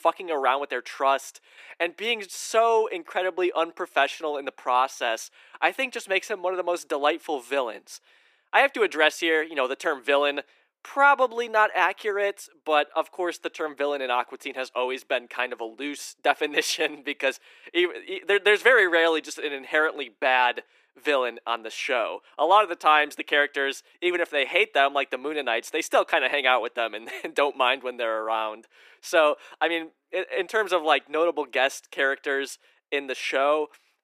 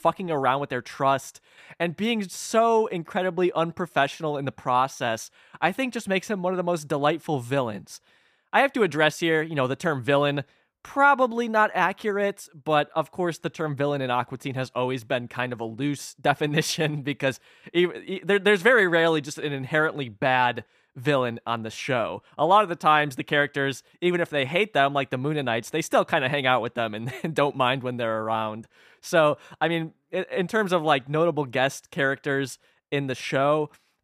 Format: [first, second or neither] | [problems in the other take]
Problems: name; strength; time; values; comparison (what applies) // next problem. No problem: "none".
second | thin; somewhat; fading below 350 Hz